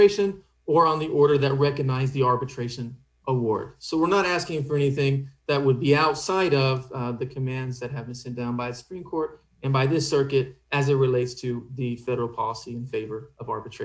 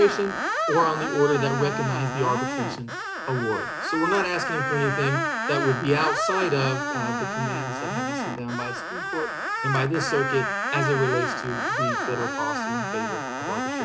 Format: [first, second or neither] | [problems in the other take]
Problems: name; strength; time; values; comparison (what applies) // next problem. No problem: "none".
first | background sound (Screech); 1 dB below the speech